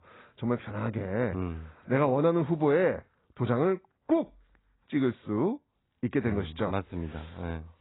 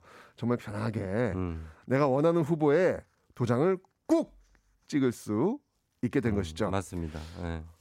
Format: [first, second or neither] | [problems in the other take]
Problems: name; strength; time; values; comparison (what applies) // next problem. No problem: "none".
second | garbled, watery; badly; nothing above 4 kHz